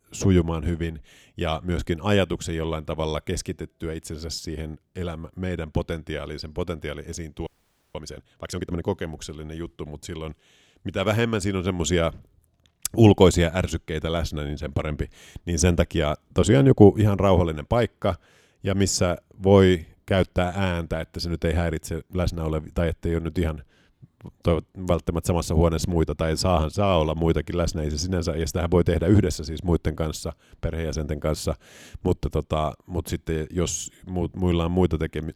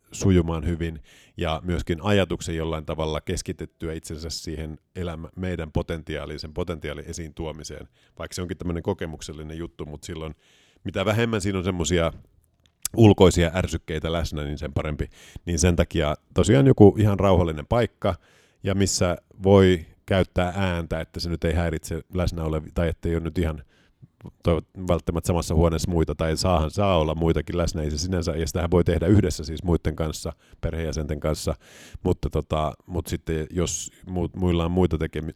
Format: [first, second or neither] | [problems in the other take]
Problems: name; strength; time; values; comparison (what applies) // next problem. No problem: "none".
second | audio freezing; at 7.5 s